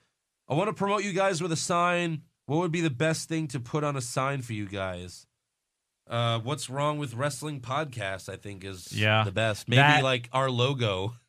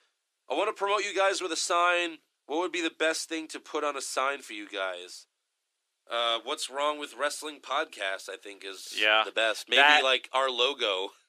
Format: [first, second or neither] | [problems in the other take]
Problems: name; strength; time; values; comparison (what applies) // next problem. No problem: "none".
first | thin; very; fading below 350 Hz